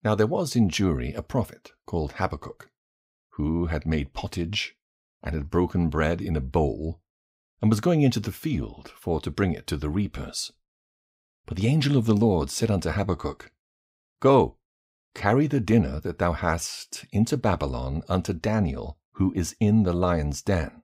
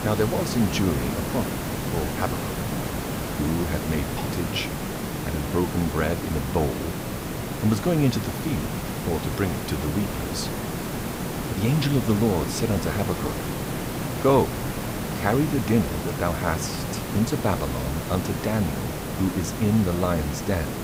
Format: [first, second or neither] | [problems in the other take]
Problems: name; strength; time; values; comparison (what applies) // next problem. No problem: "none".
first | hiss; loud; throughout; 3 dB below the speech